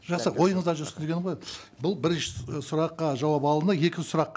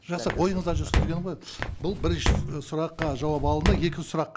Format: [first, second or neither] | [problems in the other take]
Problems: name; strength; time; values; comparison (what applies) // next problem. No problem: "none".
first | background sound (Walk, footsteps); as loud as the speech